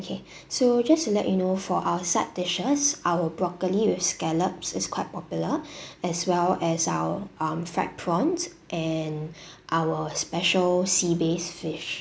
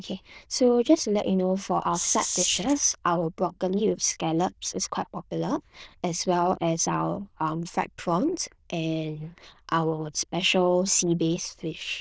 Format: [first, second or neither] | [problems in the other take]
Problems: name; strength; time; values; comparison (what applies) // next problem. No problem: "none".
first | noise reduction (neural diffusion model UNIVERSE++)